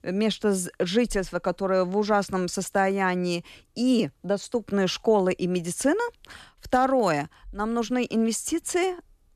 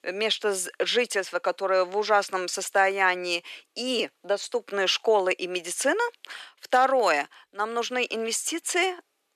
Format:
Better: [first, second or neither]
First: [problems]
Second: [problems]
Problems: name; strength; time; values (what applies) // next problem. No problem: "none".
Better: first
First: none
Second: thin; very; fading below 400 Hz